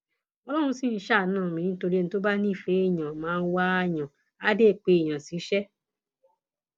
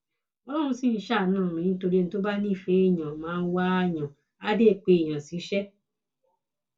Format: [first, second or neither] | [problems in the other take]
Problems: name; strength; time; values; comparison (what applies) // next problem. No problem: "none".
first | room echo; dies away in 0.2 s